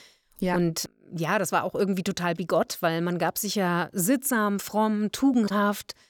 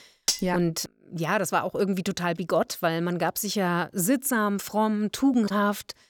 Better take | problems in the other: first | clattering dishes; noticeable; at 0.5 s; peak 1 dB below the speech

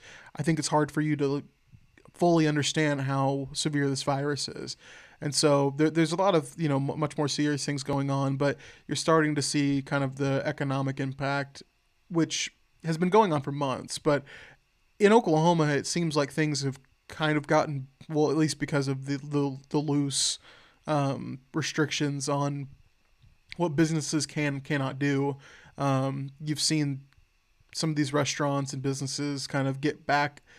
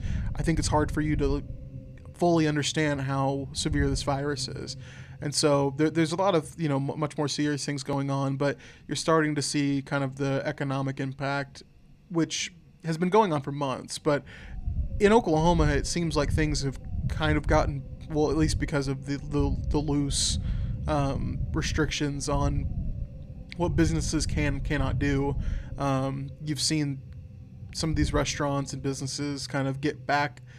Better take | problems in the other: first | low rumble; faint; throughout; 20 dB below the speech

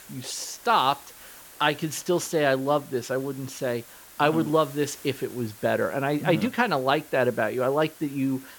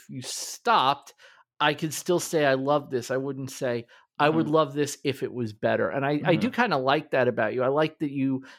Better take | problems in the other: second | hiss; noticeable; throughout; 20 dB below the speech

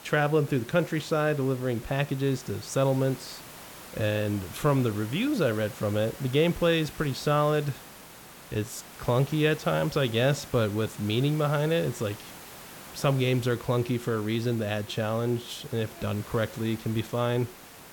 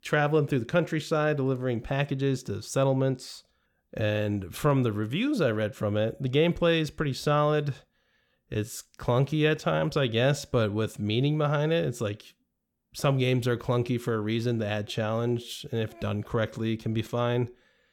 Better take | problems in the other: second | hiss; noticeable; throughout; 15 dB below the speech

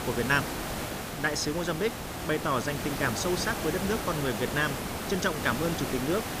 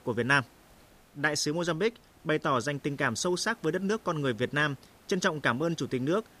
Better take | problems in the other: second | hiss; loud; throughout; 4 dB below the speech; faint in the second

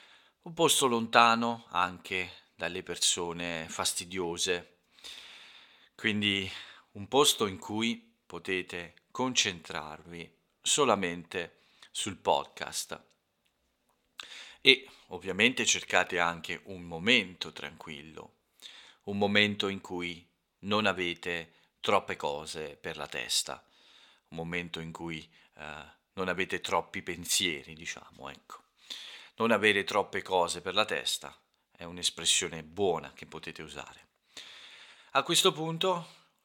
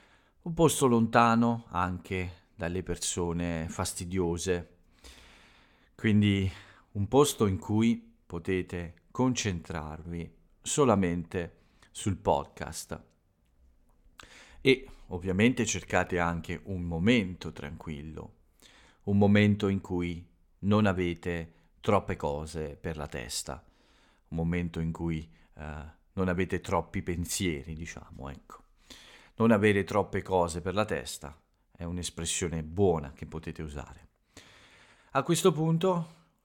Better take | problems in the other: second | thin; somewhat; fading below 700 Hz

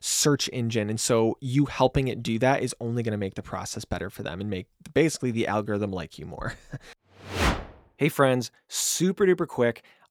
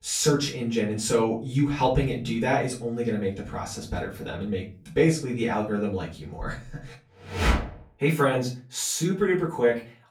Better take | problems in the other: first | off-mic speech; far // room echo; slight; dies away in 0.3 s

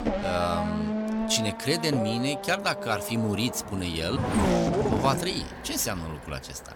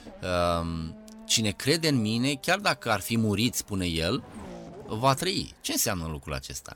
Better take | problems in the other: second | traffic noise; loud; throughout; 2 dB below the speech; faint in the second

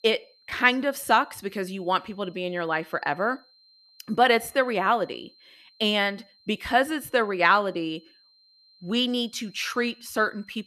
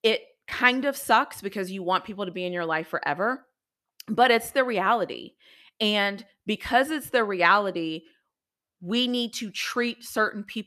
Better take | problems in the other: second | high-pitched whine; faint; throughout; 4 kHz, 30 dB below the speech

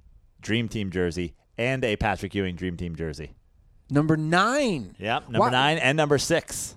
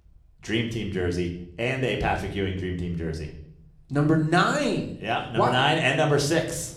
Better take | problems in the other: first | room echo; slight; dies away in 0.6 s // off-mic speech; somewhat distant

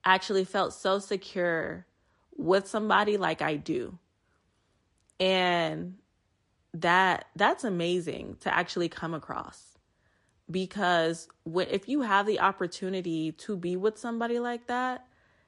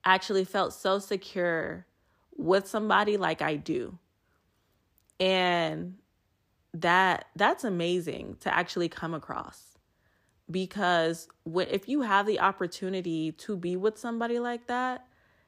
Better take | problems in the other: second | garbled, watery; slightly; nothing above 11 kHz

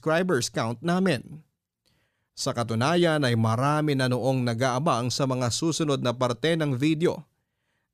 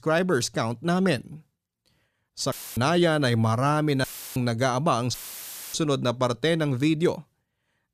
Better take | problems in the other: first | audio cutting out; filled with static; at 2.5 s, at 4 s and at 5 s for 0.5 s

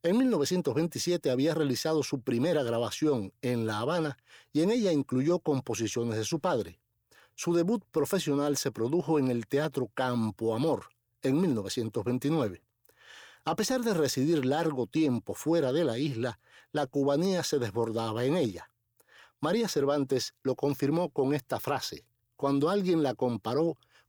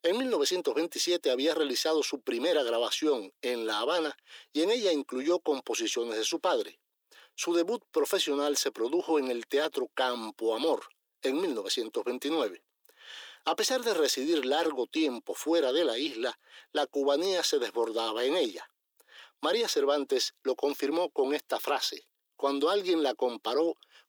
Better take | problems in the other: first | thin; somewhat; fading below 300 Hz

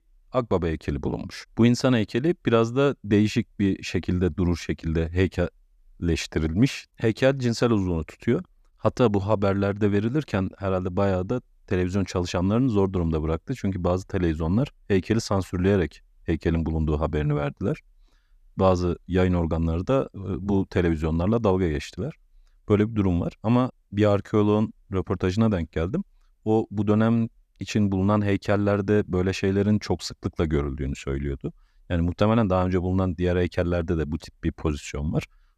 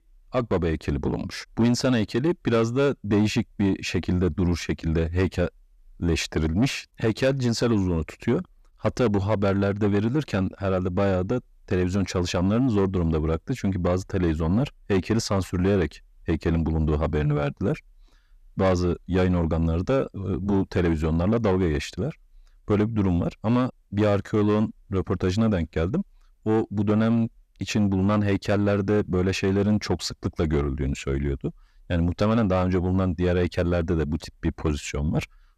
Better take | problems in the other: first | distortion; slight; 10 dB below the speech

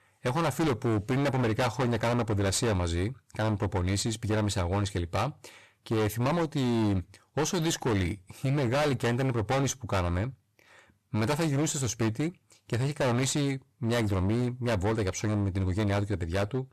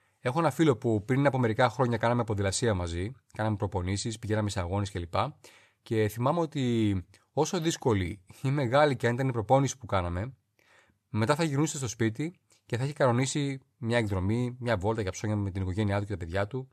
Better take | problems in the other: second | distortion; heavy; 24% of the sound clipped

